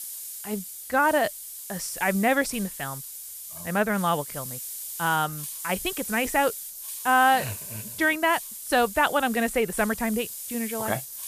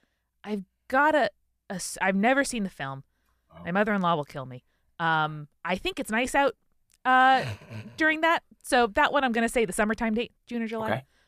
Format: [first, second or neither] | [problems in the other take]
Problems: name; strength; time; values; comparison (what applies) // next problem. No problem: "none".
second | hiss; loud; throughout; 9 dB below the speech